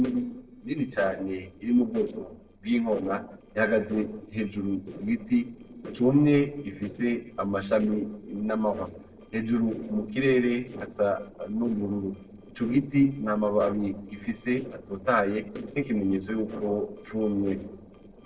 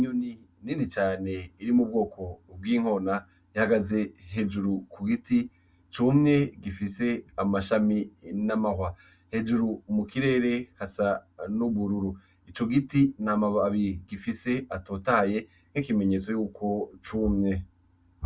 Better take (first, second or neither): second